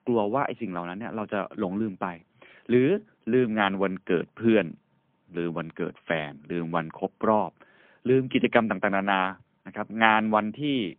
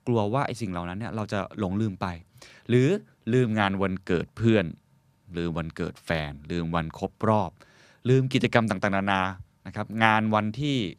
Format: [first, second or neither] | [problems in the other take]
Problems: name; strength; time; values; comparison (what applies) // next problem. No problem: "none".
second | phone-call audio; poor line; nothing above 3.5 kHz